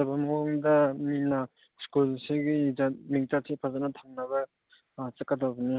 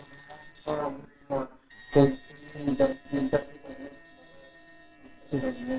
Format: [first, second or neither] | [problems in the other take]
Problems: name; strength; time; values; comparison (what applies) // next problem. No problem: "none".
first | noise reduction (neural separator model SepFormer WHAMR!)